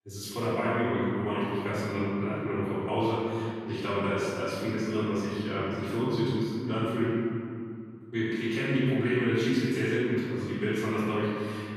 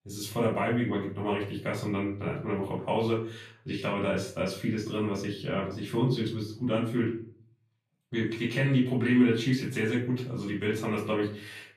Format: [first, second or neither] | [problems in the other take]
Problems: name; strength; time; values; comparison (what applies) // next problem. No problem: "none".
second | room echo; strong; dies away in 2.3 s; slight in the second // off-mic speech; far; far in the second